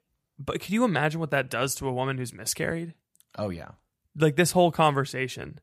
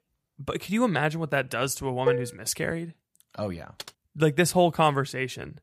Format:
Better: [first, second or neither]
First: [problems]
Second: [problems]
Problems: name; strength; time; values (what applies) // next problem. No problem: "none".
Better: first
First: none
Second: clattering dishes; noticeable; at 2 s; peak 1 dB below the speech // keyboard typing; faint; at 4 s; peak 15 dB below the speech